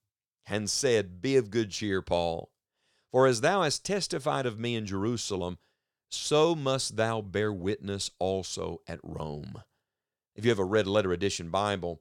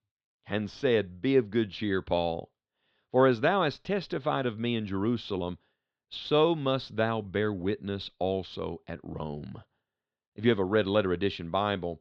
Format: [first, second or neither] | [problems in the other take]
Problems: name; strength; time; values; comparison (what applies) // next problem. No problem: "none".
first | muffled; slightly; fading above 3.5 kHz